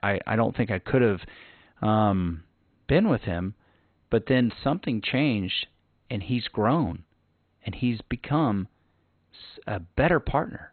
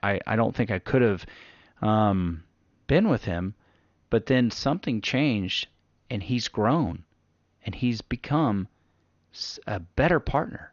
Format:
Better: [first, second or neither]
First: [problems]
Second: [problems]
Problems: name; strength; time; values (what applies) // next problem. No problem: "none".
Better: second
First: garbled, watery; badly; nothing above 4 kHz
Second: garbled, watery; slightly; nothing above 6.5 kHz